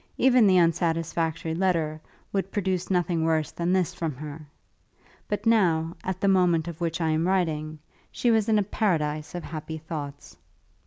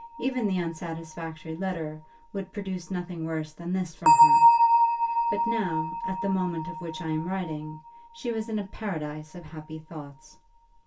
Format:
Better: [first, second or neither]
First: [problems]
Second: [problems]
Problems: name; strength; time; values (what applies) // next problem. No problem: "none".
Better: first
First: none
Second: background sound (Bell); 4 dB above the speech // room echo; dies away in 0.2 s